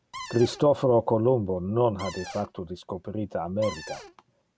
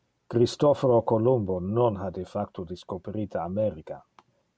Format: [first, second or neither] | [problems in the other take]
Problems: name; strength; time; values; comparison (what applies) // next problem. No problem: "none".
second | background sound (Cupboard open or close); 13 dB below the speech